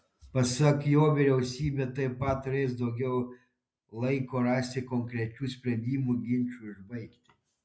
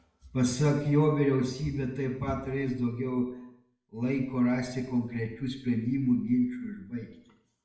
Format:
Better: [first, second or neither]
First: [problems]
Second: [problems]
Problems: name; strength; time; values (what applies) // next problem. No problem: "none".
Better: first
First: none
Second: room echo; dies away in 0.7 s